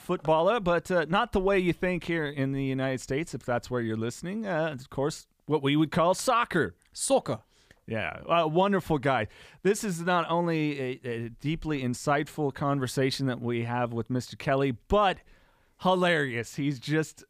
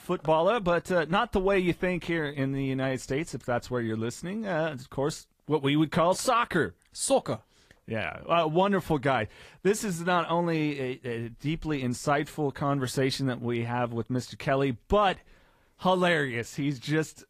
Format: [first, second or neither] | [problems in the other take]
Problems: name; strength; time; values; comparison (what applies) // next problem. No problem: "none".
first | garbled, watery; slightly; nothing above 15 kHz